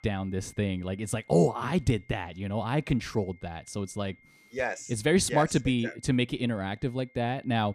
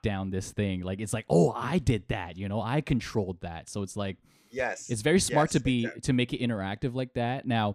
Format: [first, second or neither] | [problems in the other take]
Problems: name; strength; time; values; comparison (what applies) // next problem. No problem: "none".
second | high-pitched whine; faint; throughout; 2 kHz, 30 dB below the speech